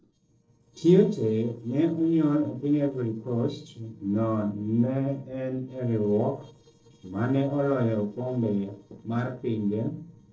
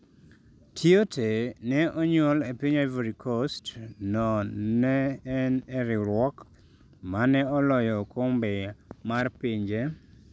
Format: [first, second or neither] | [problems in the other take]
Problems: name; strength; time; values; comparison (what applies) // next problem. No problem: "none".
second | noise reduction (neural separator model SepFormer DNS4)